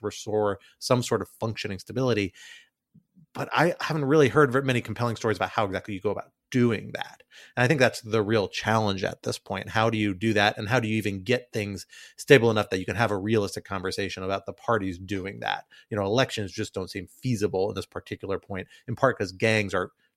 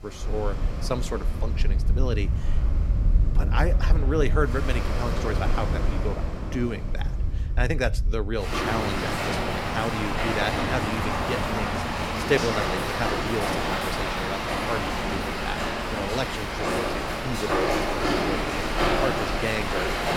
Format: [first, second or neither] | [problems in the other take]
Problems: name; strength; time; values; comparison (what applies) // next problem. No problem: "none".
first | rain or running water; very loud; throughout; 4 dB above the speech